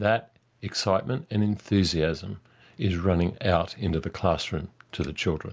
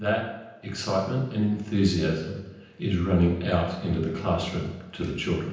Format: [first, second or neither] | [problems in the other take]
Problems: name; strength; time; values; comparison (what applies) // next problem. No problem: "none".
first | room echo; dies away in 0.9 s